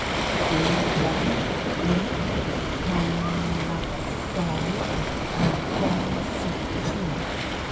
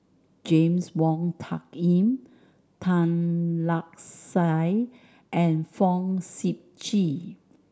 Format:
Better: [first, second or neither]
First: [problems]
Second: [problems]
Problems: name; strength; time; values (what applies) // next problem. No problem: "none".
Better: second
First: background sound (Waves, surf); 5 dB above the speech // room echo; dies away in 0.1 s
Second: none